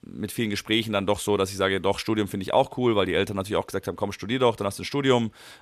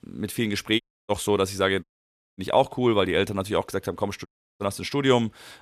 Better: first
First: none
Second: audio cutting out; at 1 s, at 2 s for 0.5 s and at 4.5 s

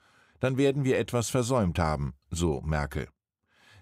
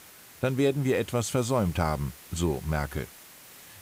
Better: first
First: none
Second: hiss; noticeable; throughout; 20 dB below the speech

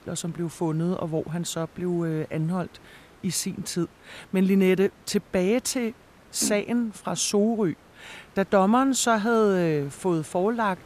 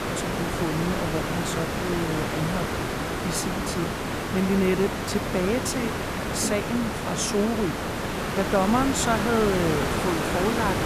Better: first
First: hiss; faint; throughout; 25 dB below the speech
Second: hiss; loud; throughout; 1 dB below the speech

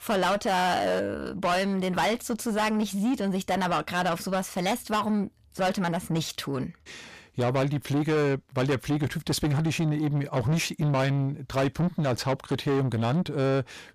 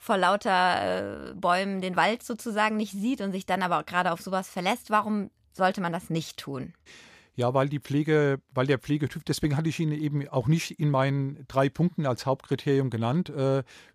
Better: second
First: distortion; heavy; 7 dB below the speech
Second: none

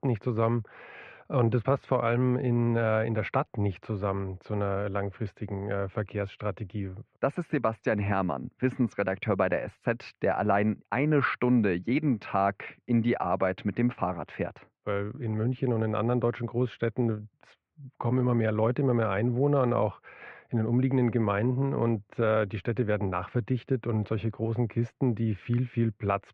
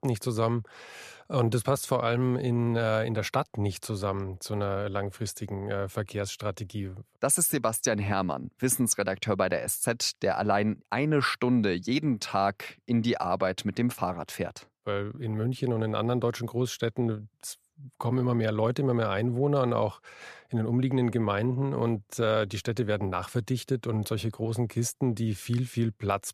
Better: second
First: muffled; very; fading above 2.5 kHz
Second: none

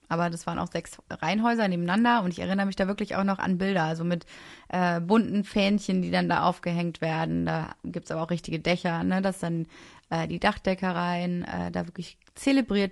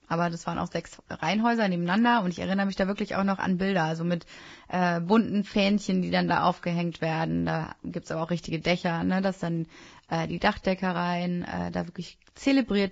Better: first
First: garbled, watery; slightly; nothing above 11 kHz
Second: garbled, watery; badly; nothing above 7.5 kHz

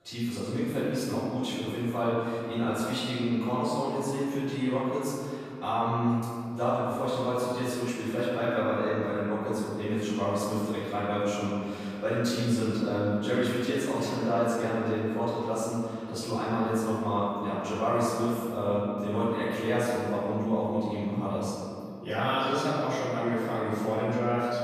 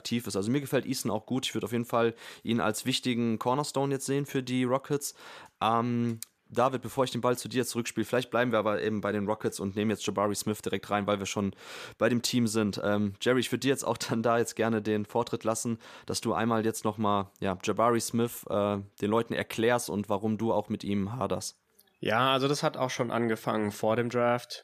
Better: second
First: off-mic speech; far // room echo; strong; dies away in 2.3 s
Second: none

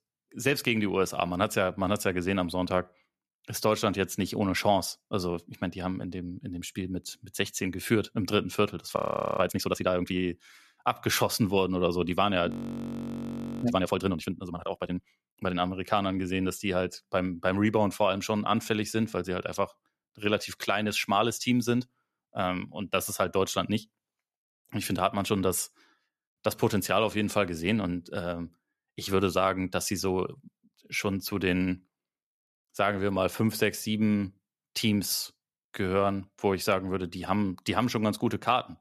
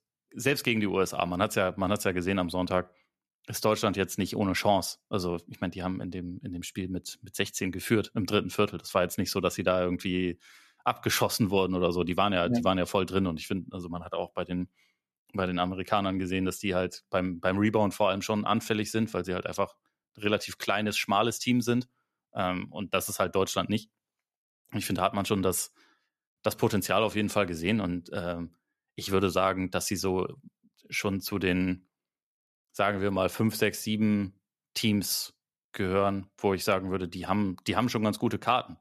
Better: second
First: audio freezing; at 9 s and at 13 s for 1 s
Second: none

